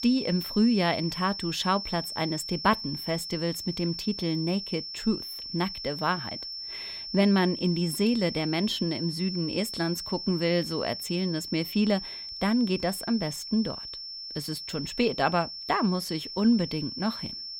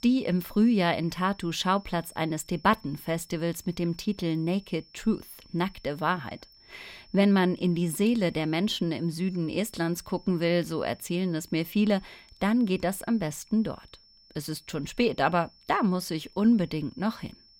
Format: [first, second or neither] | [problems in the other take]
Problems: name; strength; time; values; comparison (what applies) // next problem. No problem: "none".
second | high-pitched whine; loud; throughout; 5.5 kHz, 7 dB below the speech; faint in the second